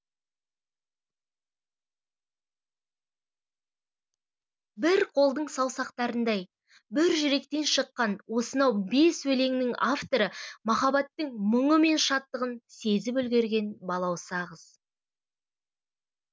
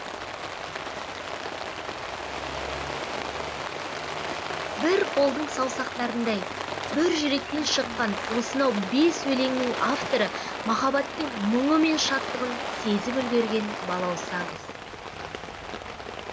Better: first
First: none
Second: background sound (Rain); 5 dB below the speech

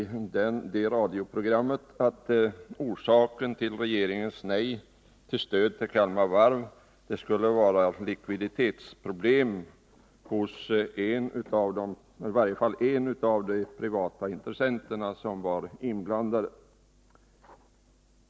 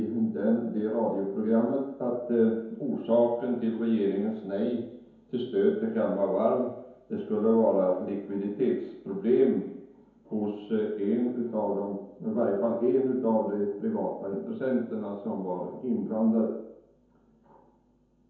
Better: first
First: none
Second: room echo; dies away in 0.9 s

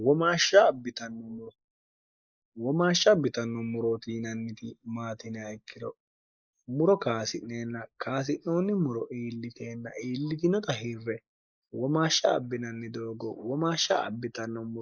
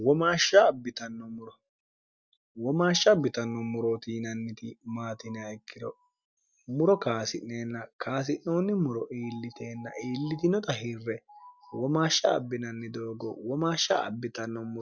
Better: second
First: noise reduction (neural mask model Resemble Enhance denoiser)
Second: none

